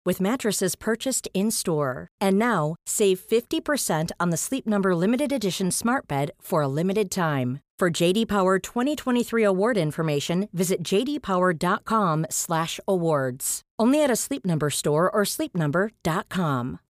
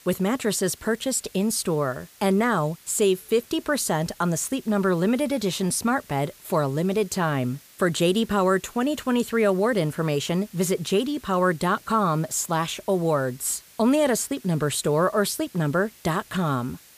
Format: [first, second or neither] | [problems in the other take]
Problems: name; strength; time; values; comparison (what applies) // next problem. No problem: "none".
first | hiss; faint; throughout; 25 dB below the speech